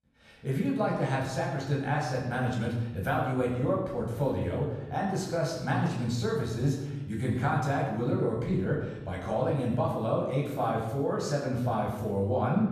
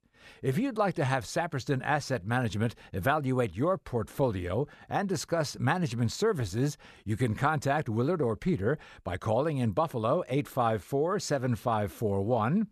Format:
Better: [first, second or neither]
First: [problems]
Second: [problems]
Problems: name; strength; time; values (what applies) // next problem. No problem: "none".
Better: second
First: room echo; noticeable; dies away in 0.9 s // off-mic speech; far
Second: none